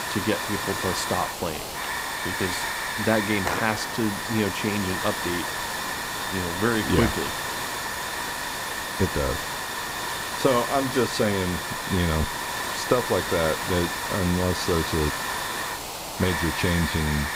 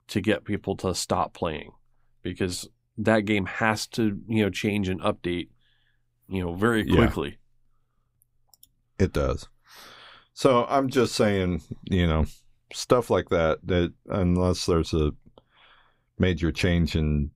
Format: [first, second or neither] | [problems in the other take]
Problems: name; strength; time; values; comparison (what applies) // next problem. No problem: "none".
second | hiss; loud; throughout; 1 dB below the speech